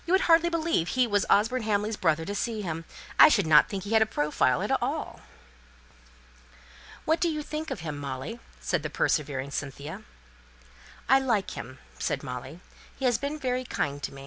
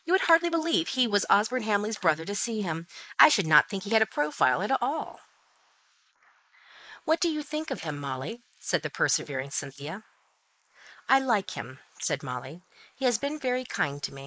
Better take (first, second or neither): first